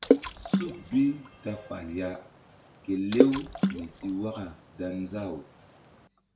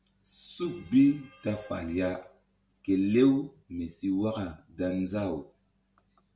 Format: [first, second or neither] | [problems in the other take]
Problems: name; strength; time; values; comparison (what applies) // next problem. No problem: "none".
second | background sound (Water / Splash, splatter); 1 dB above the speech